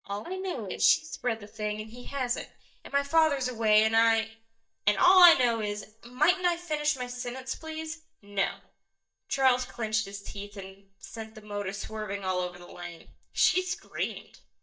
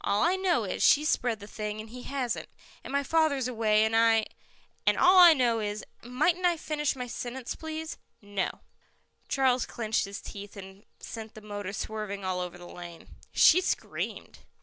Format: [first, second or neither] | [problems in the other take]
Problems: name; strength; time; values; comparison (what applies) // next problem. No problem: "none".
second | noise reduction (neural mask model DeepFilterNet 3)